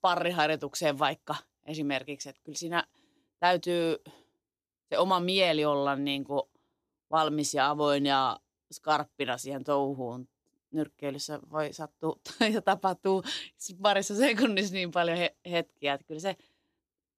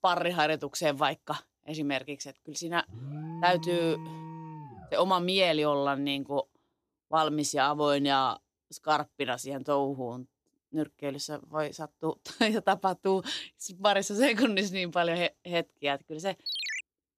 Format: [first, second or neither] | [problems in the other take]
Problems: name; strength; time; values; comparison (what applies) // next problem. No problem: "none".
first | alarm; noticeable; from 3 to 5 s; peak 10 dB below the speech // phone ringing; noticeable; at 16 s; peak 3 dB below the speech